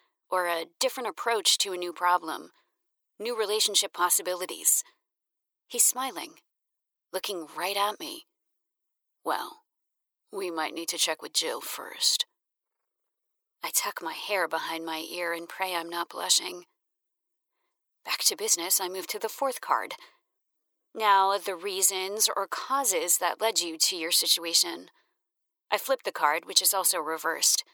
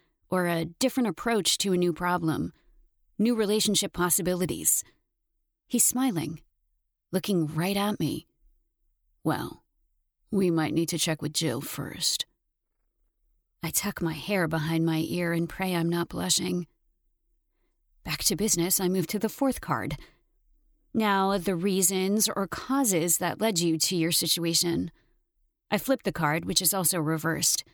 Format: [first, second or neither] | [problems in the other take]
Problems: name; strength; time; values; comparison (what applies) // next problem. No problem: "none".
second | thin; very; fading below 450 Hz